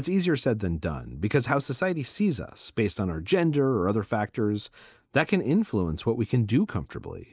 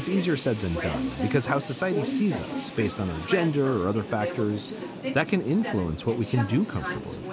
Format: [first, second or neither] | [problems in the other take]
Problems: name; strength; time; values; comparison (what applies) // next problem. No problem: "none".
first | background sound (Subway, metro, underground); 6 dB below the speech